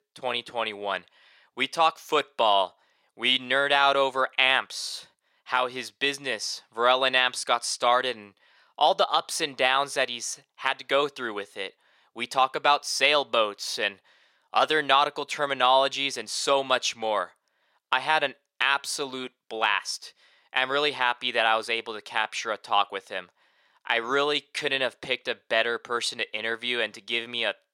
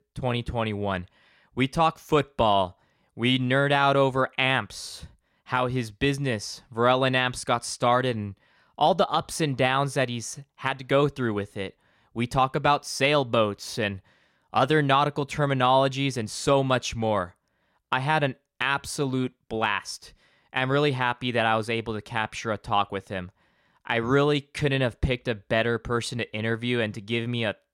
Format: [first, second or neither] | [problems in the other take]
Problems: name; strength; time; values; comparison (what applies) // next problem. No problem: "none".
second | thin; somewhat; fading below 500 Hz